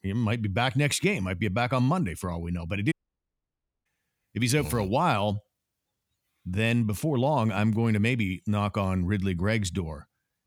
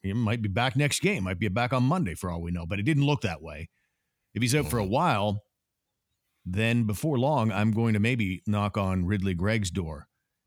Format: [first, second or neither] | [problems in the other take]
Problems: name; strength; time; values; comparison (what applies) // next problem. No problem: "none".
second | audio cutting out; at 3 s for 1 s